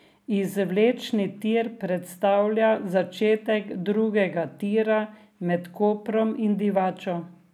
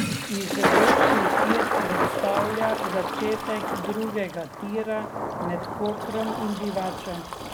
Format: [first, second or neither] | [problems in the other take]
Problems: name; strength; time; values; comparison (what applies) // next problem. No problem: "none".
first | background sound (Thunder + Toilet flush); 4 dB above the speech